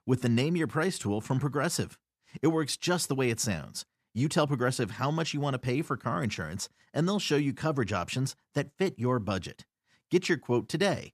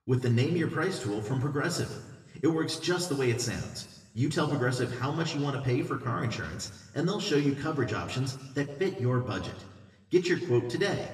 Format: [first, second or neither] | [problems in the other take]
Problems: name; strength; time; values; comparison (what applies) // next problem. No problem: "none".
first | room echo; slight; dies away in 1.1 s // off-mic speech; somewhat distant